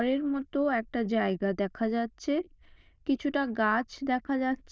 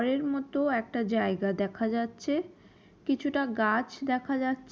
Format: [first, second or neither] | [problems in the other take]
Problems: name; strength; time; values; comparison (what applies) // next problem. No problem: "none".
second | noise reduction (neural diffusion model UNIVERSE++)